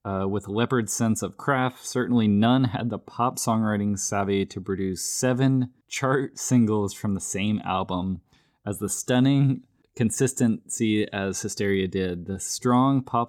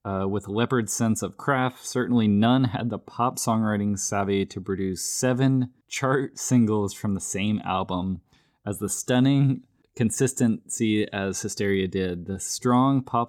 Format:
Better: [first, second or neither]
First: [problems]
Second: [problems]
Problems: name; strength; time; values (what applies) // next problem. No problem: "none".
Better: neither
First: none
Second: none